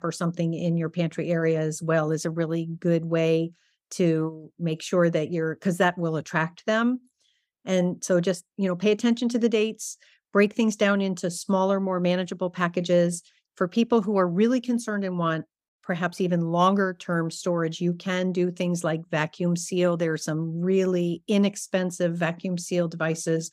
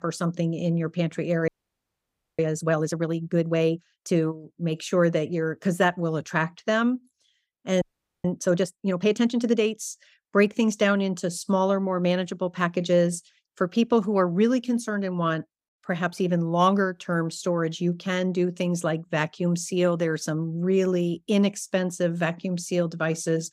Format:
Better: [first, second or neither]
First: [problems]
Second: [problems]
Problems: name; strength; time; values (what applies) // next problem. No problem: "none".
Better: first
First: none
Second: audio freezing; at 1.5 s for 1 s and at 8 s